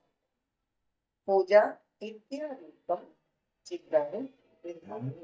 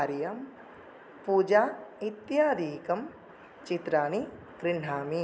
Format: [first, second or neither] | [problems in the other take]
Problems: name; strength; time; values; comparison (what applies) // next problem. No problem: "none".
second | noise reduction (neural mask model DeepFilterNet 3)